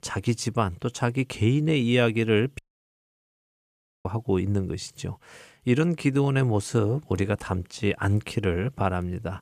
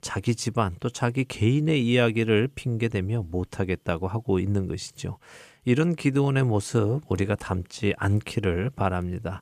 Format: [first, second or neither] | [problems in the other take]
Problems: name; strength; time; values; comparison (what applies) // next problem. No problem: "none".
second | audio cutting out; at 2.5 s for 1.5 s